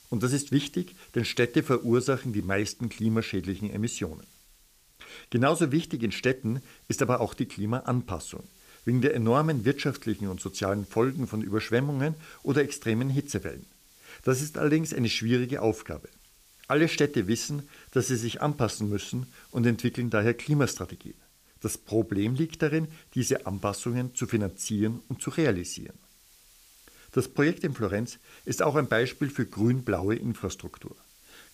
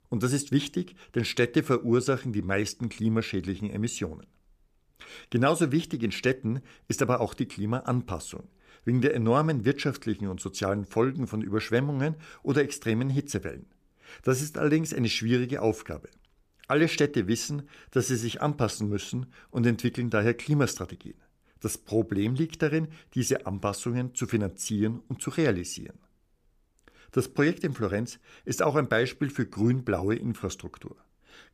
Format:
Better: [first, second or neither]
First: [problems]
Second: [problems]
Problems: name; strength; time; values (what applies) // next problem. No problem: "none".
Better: second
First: hiss; faint; throughout; 25 dB below the speech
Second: none